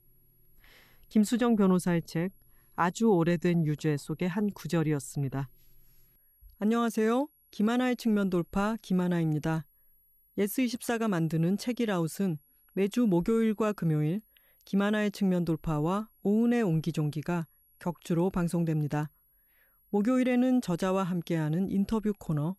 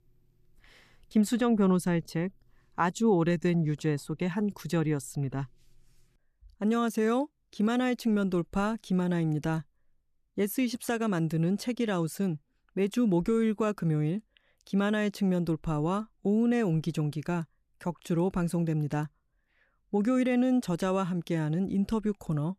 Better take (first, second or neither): second